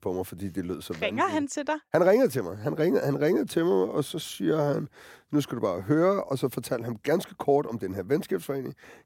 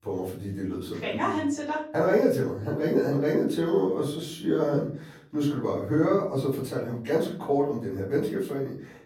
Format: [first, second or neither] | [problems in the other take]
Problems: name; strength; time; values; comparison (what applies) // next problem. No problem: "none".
first | room echo; slight; dies away in 0.5 s // off-mic speech; far